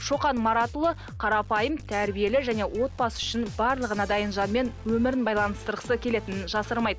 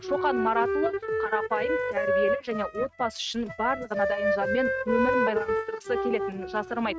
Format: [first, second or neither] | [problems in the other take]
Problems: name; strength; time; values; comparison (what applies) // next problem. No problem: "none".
first | noise reduction (neural mask model RNNoise)